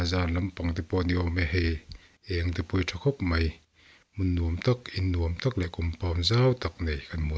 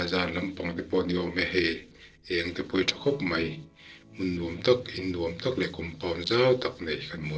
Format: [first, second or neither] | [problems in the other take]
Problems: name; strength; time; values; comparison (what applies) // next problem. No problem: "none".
first | noise reduction (neural separator model SepFormer DNS4)